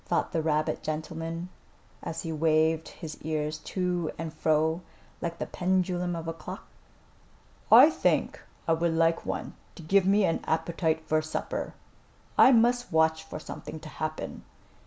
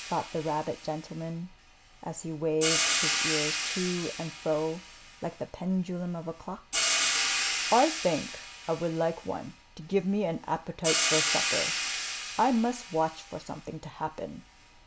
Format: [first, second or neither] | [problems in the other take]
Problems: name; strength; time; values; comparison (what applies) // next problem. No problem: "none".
first | background sound (Hi-hat); 1 dB below the speech